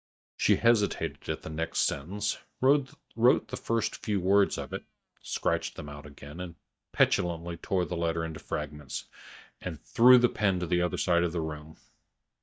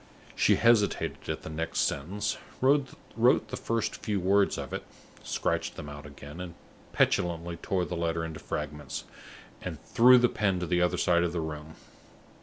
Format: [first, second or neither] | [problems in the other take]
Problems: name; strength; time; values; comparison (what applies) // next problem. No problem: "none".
second | noise reduction (neural mask model DeepFilterNet 3)